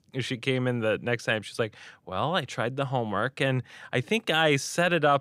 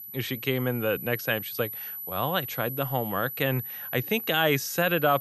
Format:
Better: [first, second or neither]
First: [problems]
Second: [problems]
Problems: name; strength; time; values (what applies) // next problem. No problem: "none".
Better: first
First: none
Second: high-pitched whine; loud; throughout; 12 kHz, 7 dB below the speech